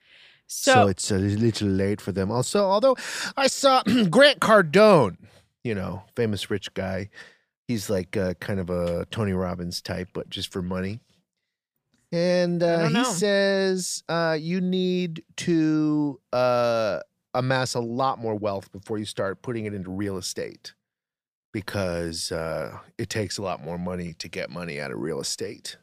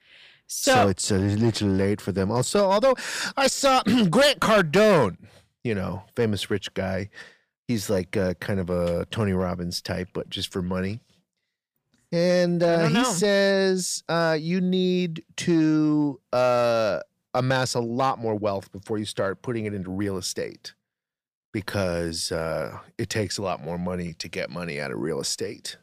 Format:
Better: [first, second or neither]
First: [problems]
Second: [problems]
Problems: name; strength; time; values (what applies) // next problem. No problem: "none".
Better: first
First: none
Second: distortion; slight; 4% of the sound clipped